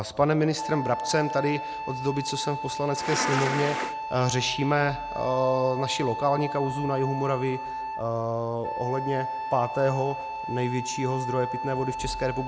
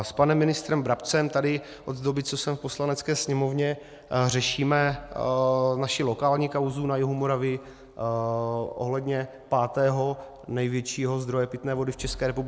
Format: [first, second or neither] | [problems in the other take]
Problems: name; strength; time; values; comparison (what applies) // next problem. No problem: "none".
second | background sound (Wind instrument, woodwind instrument + Insect); 6 dB below the speech